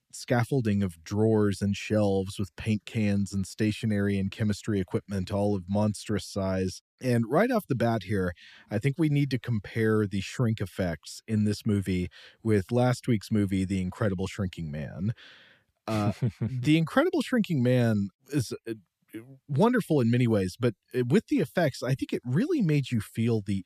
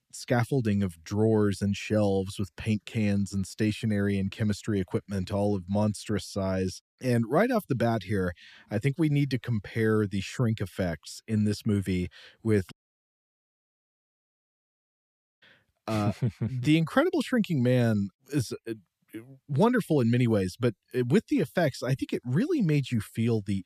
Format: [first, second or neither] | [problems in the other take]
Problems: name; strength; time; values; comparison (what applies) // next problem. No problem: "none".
first | audio cutting out; at 13 s for 2.5 s